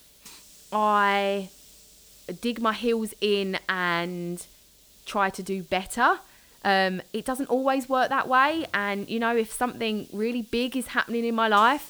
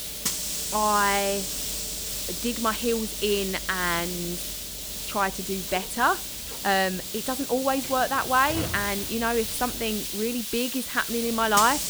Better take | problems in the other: first | hiss; loud; throughout; 3 dB below the speech; faint in the first

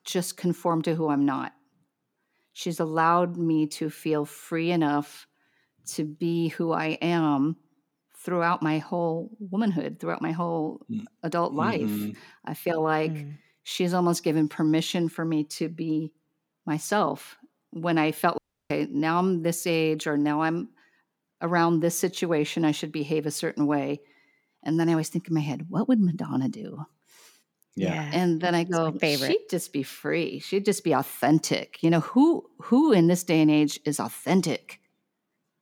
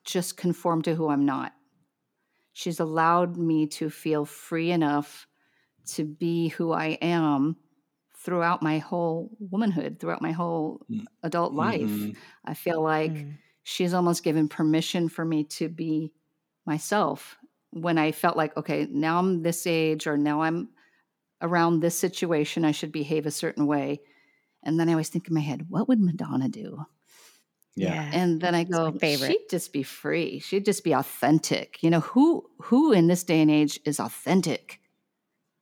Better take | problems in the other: second | audio cutting out; at 18 s

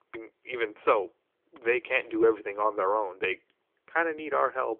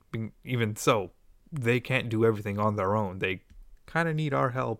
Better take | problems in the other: second | phone-call audio

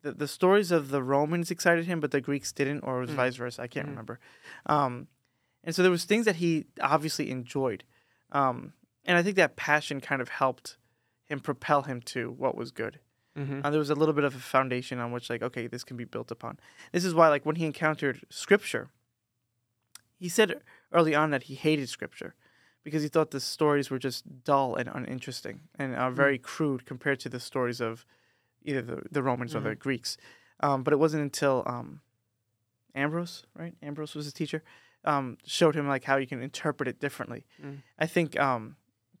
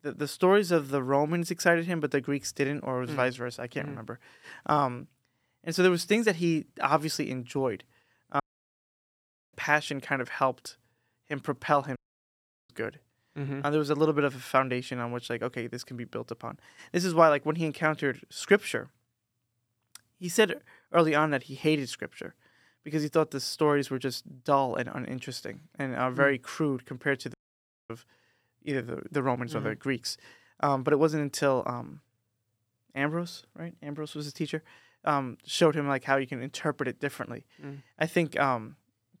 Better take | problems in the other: first | audio cutting out; at 8.5 s for 1 s, at 12 s for 0.5 s and at 27 s for 0.5 s

